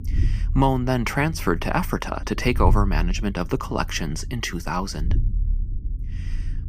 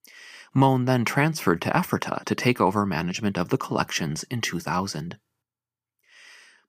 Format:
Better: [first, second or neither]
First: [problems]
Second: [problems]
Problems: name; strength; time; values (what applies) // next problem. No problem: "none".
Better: second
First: low rumble; faint; throughout; 20 dB below the speech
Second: none